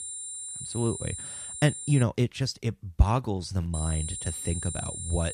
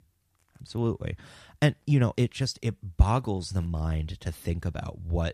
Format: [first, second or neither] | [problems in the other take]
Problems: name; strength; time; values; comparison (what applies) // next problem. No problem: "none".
second | high-pitched whine; loud; until 2 s and from 3.5 s on; 9.5 kHz, 6 dB below the speech